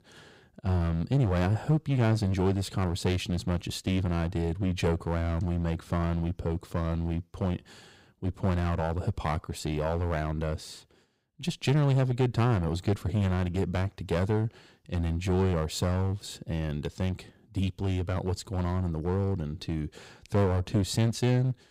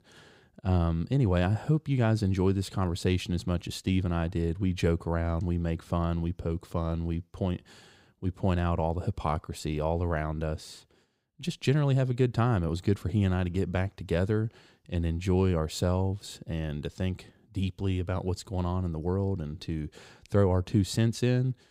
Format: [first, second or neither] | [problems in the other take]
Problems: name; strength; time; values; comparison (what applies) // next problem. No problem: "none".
second | distortion; slight; 8% of the sound clipped